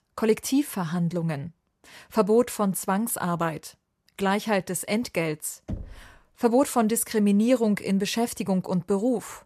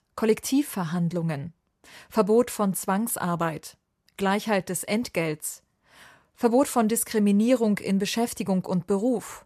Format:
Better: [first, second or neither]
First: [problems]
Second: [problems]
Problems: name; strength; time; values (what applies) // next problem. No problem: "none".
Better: second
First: door banging; faint; at 5.5 s; peak 10 dB below the speech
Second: none